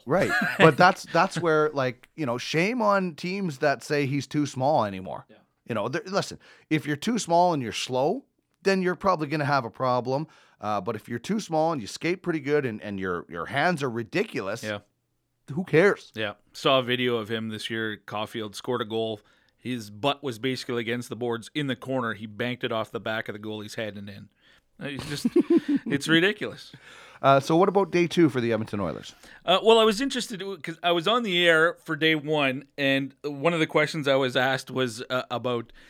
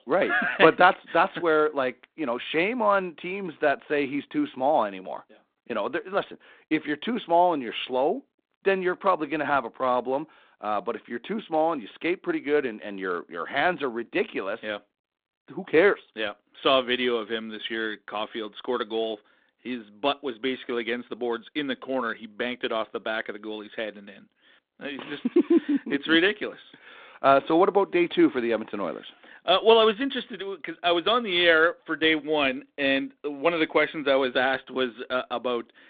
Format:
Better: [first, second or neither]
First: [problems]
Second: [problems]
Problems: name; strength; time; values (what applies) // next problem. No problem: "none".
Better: first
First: none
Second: phone-call audio